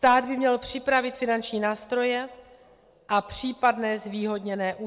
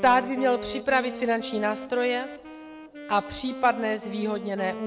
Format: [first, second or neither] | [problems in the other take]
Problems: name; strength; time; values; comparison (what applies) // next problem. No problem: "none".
first | background sound (Wind instrument, woodwind instrument); 11 dB below the speech